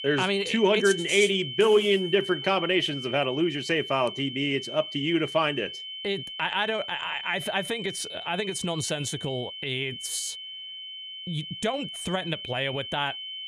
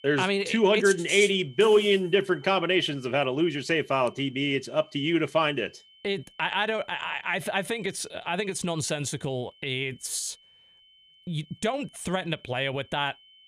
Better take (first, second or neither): second